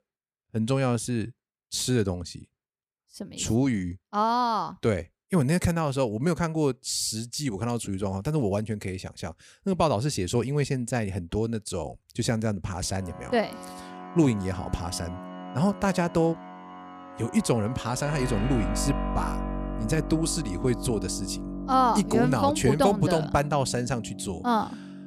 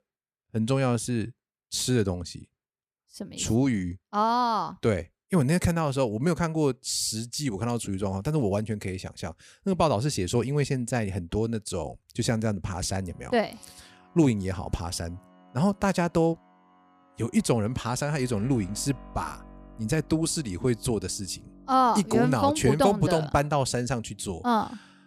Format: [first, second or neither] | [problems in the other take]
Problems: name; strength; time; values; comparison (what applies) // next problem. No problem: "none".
second | background music; loud; from 13 s on; 9 dB below the speech; faint in the second